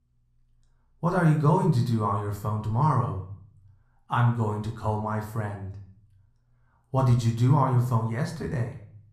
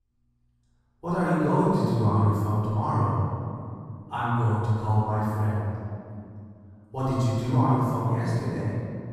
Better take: first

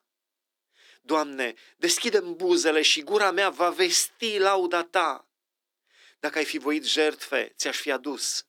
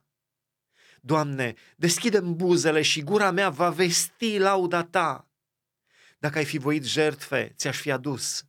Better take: second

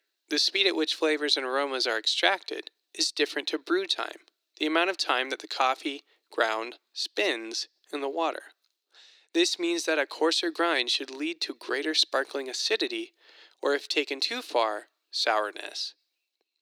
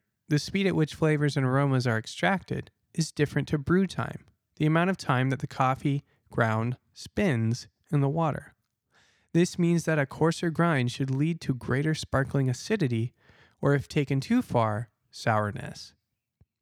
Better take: second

